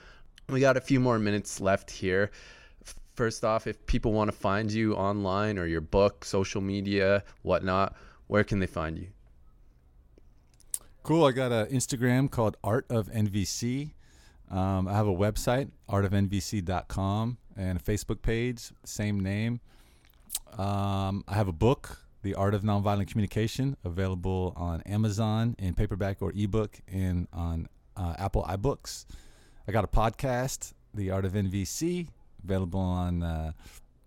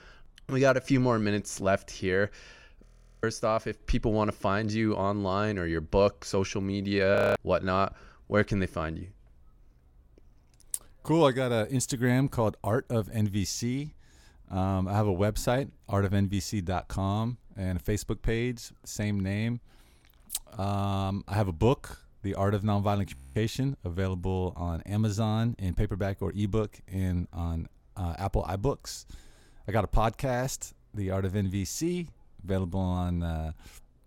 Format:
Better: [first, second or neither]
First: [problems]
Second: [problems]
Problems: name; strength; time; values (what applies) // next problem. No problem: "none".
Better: first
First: none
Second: audio freezing; at 3 s, at 7 s and at 23 s